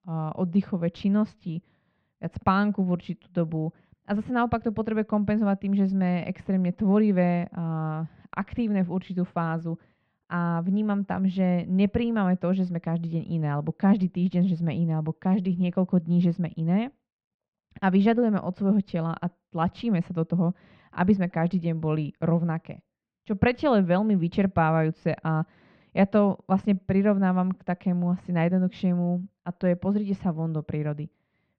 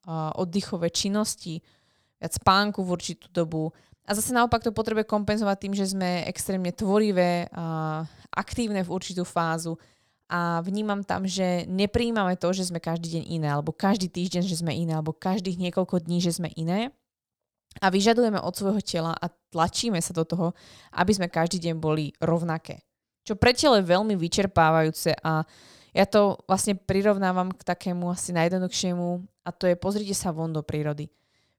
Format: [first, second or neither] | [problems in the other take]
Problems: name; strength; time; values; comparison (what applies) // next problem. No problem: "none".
second | muffled; very; fading above 2.5 kHz